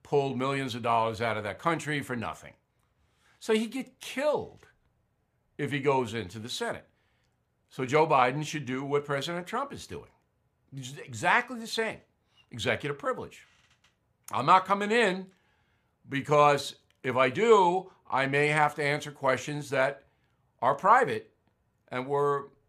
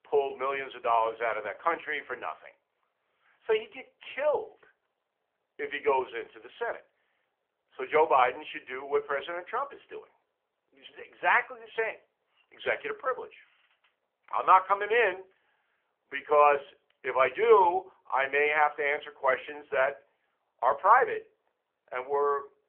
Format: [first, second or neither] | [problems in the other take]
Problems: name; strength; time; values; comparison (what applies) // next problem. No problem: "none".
first | phone-call audio; nothing above 3.5 kHz